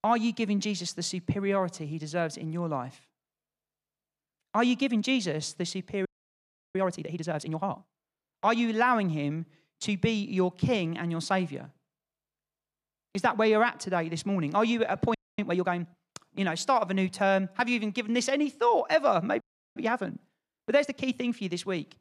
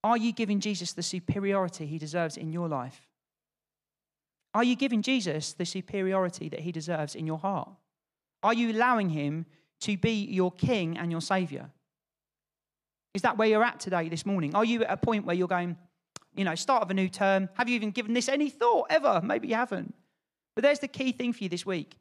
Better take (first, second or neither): second